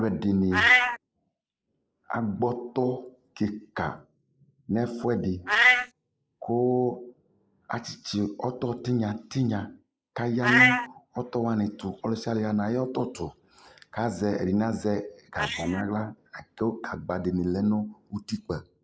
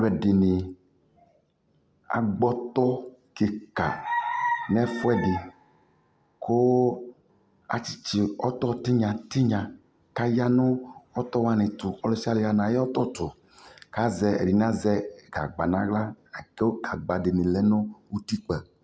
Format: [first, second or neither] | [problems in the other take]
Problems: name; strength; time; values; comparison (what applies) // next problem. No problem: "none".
second | noise reduction (neural mask model Resemble Enhance denoiser)